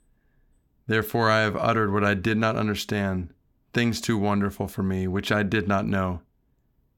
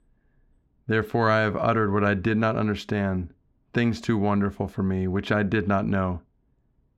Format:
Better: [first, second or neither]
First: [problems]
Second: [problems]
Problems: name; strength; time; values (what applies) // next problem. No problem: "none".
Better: first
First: none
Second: muffled; very slightly; fading above 2 kHz